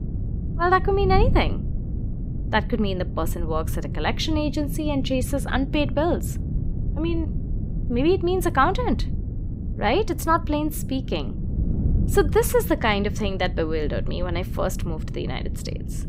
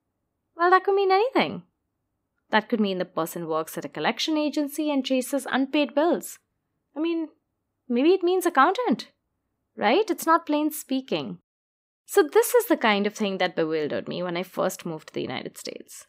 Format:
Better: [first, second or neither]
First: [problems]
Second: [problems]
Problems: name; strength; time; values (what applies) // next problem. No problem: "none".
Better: second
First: wind noise on the microphone; occasional gusts; 15 dB below the speech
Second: none